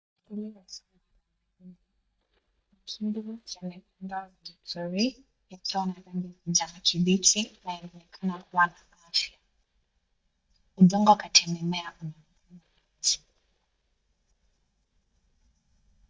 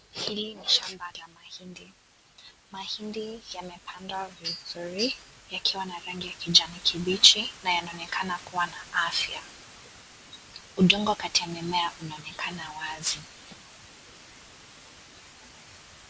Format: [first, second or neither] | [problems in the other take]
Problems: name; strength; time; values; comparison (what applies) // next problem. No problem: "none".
second | noise reduction (neural mask model DeepFilterNet 3)